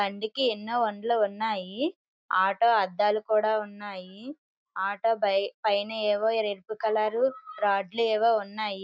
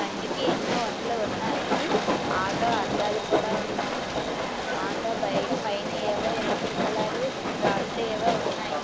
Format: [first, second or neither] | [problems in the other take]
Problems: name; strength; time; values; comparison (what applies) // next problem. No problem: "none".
first | background sound (Train); 4 dB above the speech